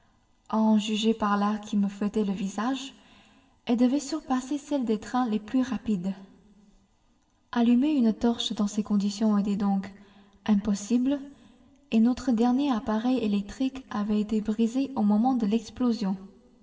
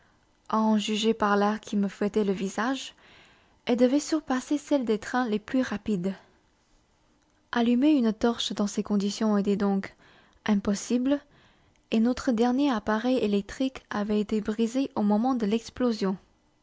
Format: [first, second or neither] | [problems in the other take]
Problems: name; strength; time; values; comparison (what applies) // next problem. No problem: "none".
second | room echo; dies away in 1.7 s